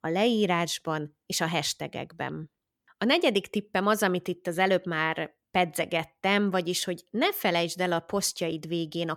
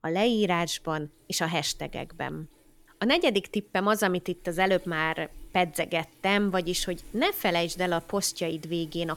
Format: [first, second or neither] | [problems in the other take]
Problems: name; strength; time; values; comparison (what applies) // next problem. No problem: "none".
first | household noises; faint; throughout; 25 dB below the speech